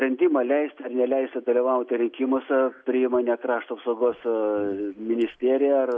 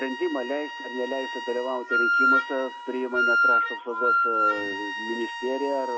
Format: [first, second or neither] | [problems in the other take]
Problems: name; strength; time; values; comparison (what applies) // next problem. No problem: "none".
first | background sound (Wind instrument, woodwind instrument); 4 dB above the speech